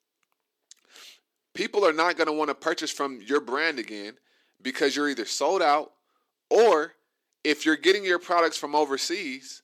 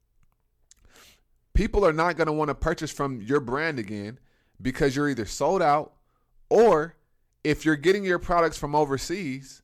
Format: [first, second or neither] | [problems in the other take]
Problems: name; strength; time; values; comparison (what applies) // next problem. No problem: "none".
second | thin; very slightly; fading below 300 Hz